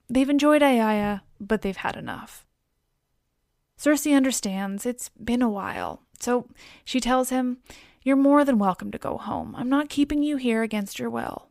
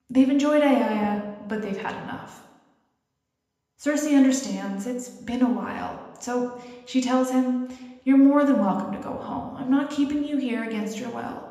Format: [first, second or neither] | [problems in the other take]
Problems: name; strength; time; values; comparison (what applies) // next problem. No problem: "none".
first | room echo; noticeable; dies away in 1 s // off-mic speech; somewhat distant